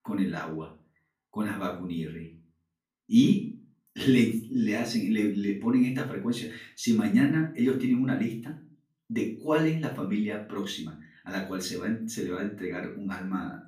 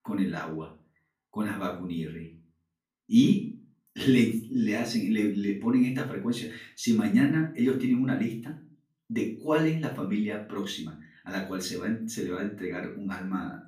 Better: neither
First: room echo; slight; dies away in 0.3 s // off-mic speech; far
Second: room echo; slight; dies away in 0.3 s // off-mic speech; far

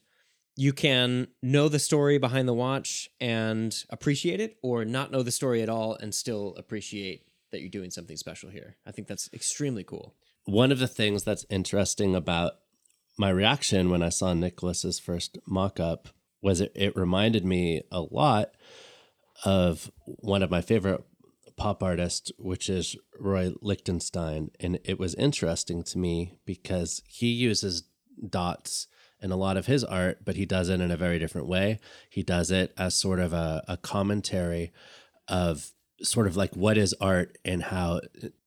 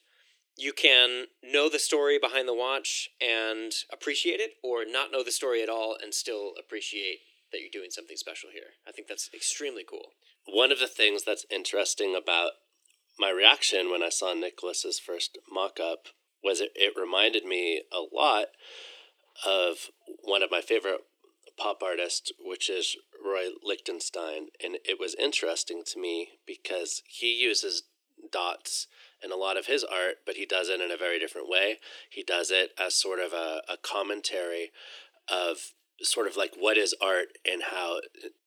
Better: first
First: none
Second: thin; very; fading below 300 Hz

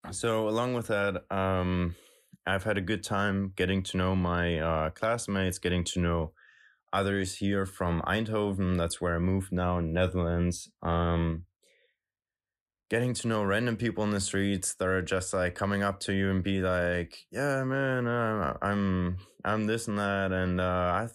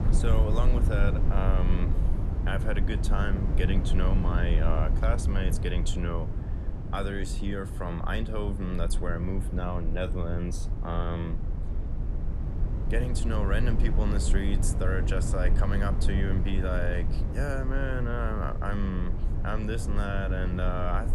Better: first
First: none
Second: low rumble; loud; throughout; 7 dB below the speech

